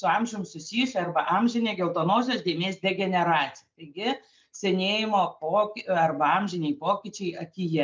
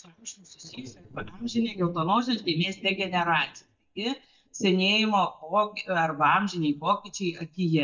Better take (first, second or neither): first